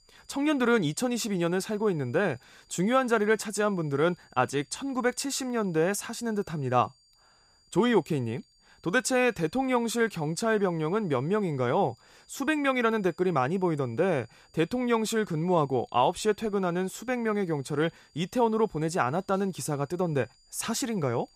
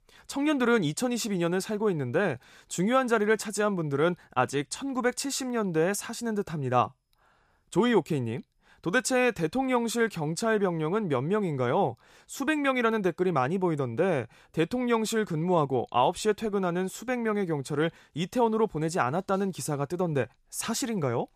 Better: second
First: high-pitched whine; faint; throughout; 4.5 kHz, 35 dB below the speech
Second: none

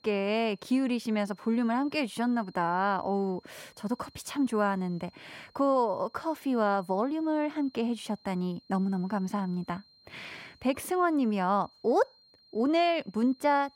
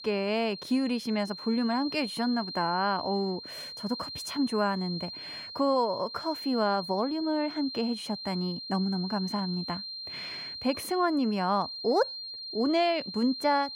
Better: first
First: high-pitched whine; faint; throughout; 4 kHz, 30 dB below the speech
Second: high-pitched whine; loud; throughout; 4 kHz, 8 dB below the speech

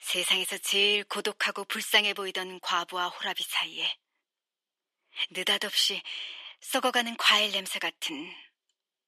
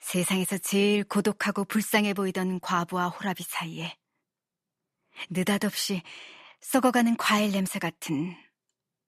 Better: second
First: thin; somewhat; fading below 350 Hz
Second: none

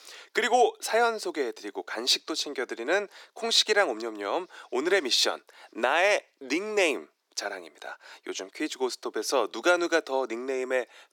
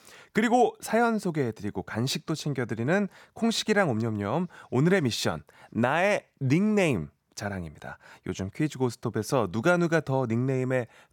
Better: second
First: thin; very; fading below 300 Hz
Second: none

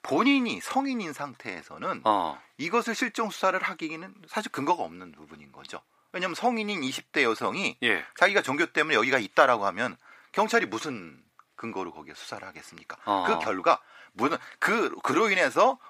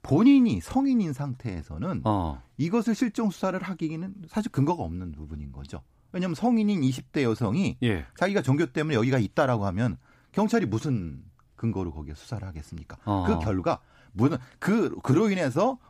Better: second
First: thin; somewhat; fading below 450 Hz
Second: none

